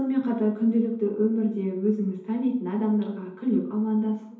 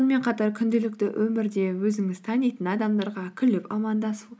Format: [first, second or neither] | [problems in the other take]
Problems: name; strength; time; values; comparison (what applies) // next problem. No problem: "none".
second | room echo; dies away in 2.2 s